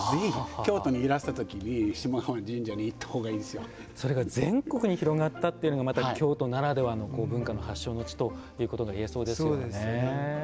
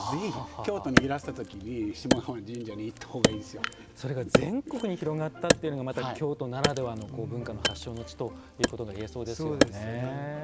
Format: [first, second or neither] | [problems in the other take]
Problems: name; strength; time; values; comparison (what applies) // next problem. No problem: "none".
first | background sound (Wood); 1 dB above the speech